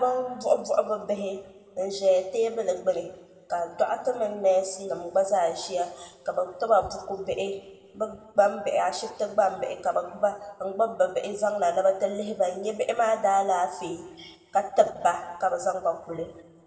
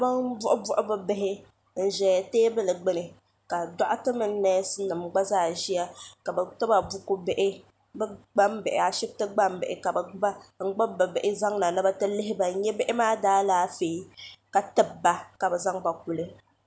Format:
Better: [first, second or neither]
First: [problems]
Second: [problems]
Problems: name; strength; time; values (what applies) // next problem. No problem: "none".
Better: second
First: room echo; dies away in 1.4 s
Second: none